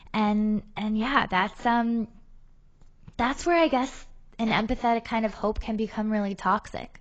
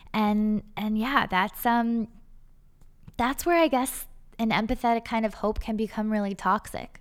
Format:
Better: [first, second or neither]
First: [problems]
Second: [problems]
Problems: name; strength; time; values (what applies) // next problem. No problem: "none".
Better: second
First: garbled, watery; badly; nothing above 7.5 kHz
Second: none